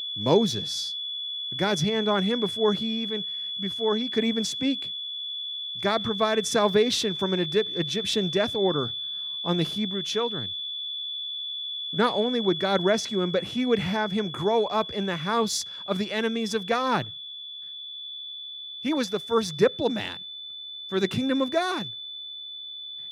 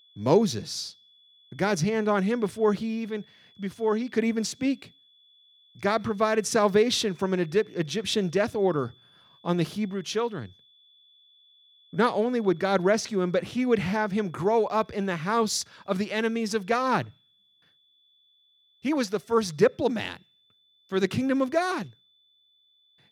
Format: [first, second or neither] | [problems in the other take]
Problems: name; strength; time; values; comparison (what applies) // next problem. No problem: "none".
second | high-pitched whine; loud; throughout; 3.5 kHz, 5 dB below the speech; faint in the second